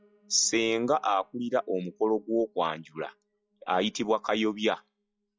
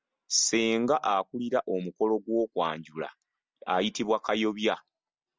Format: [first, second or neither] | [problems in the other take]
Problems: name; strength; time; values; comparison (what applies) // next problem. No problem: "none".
second | noise reduction (classical method log-MMSE)